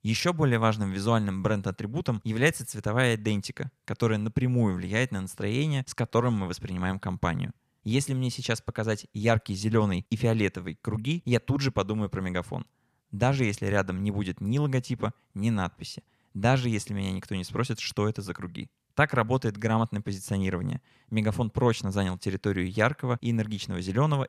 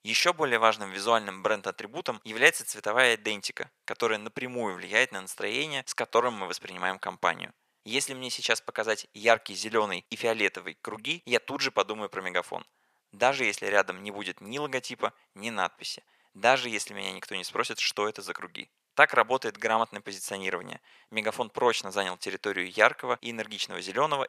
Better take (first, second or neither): first